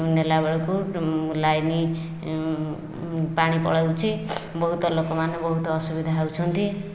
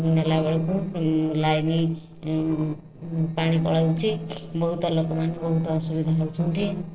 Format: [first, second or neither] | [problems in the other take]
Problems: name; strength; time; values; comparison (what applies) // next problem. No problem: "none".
first | noise reduction (neural separator model SepFormer DNS4)